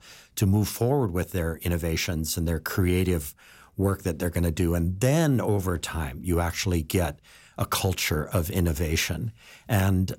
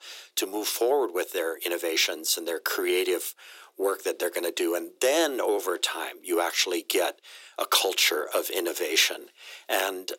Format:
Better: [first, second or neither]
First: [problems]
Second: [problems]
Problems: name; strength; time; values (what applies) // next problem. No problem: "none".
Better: first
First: none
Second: thin; very; fading below 350 Hz